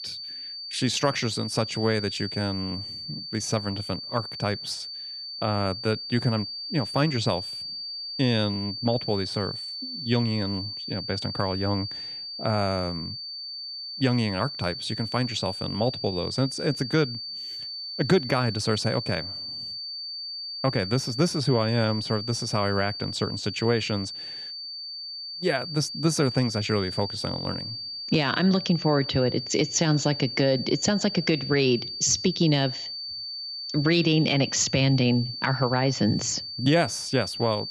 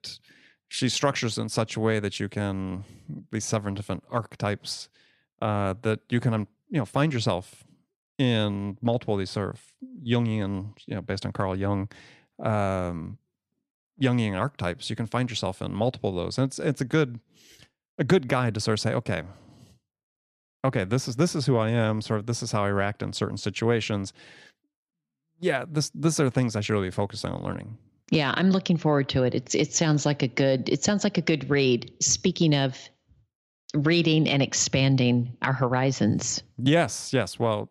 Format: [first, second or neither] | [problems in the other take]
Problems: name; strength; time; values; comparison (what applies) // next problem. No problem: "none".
second | high-pitched whine; loud; throughout; 4.5 kHz, 7 dB below the speech